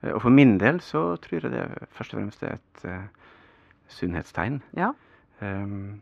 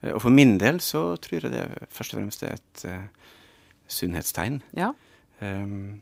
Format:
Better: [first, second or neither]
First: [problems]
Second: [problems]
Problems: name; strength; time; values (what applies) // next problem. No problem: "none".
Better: second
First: muffled; very; fading above 2 kHz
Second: none